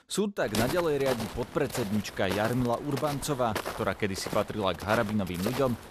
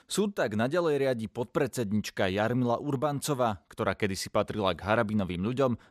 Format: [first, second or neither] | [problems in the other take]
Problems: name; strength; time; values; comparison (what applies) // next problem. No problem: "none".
second | footsteps; noticeable; peak 3 dB below the speech